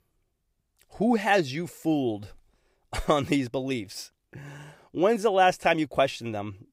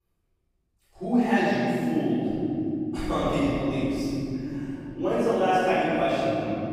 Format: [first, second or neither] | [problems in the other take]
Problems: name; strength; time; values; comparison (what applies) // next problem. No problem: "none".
first | off-mic speech; far // room echo; strong; dies away in 3 s